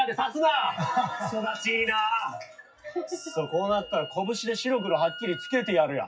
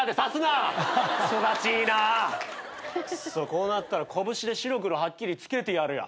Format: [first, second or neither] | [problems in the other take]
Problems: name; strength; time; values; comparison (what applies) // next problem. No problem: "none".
second | noise reduction (classical method WPE with log-MMSE)